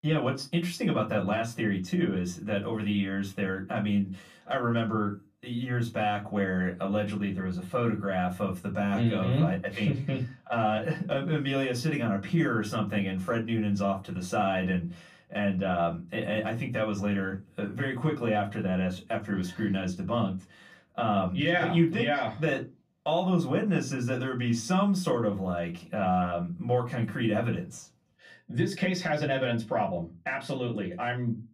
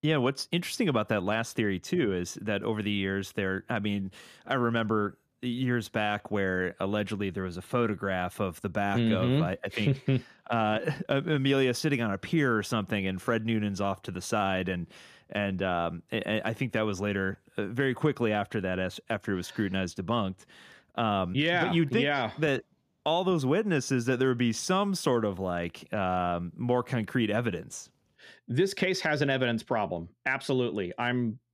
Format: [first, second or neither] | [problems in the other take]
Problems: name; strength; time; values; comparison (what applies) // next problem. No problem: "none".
second | off-mic speech; far // room echo; very slight; dies away in 0.2 s